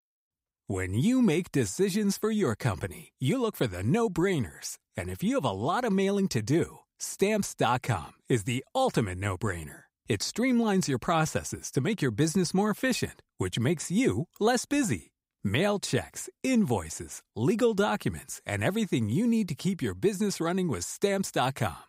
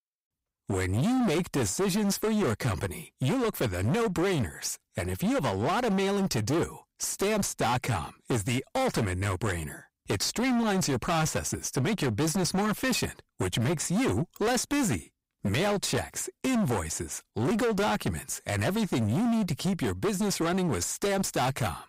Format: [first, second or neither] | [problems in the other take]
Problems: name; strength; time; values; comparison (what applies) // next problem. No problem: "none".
first | distortion; heavy; 27% of the sound clipped